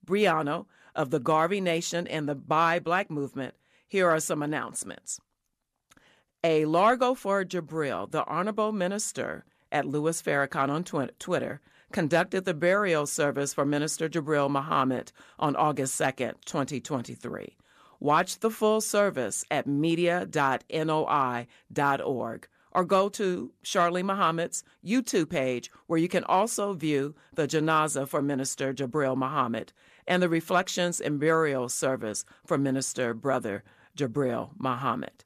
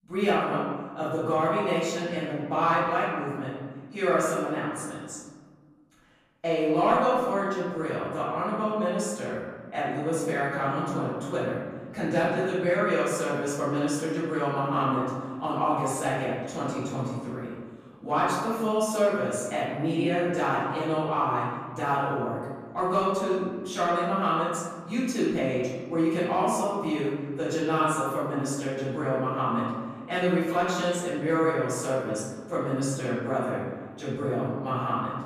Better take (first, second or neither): first